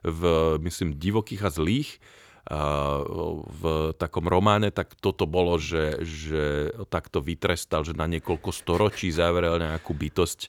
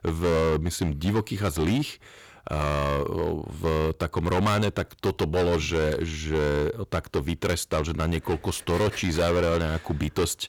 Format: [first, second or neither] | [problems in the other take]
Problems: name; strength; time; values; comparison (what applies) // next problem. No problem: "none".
first | distortion; heavy; 13% of the sound clipped